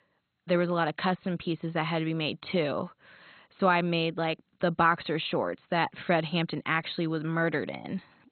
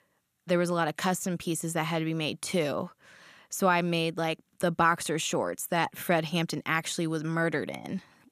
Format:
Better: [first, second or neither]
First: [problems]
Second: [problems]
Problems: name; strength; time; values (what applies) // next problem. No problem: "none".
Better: second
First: garbled, watery; badly; nothing above 4 kHz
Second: none